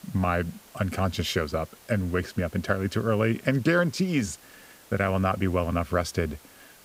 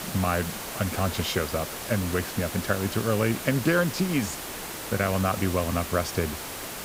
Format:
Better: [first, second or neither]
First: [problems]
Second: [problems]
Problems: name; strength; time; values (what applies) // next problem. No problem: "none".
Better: first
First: hiss; faint; throughout; 25 dB below the speech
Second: hiss; loud; throughout; 6 dB below the speech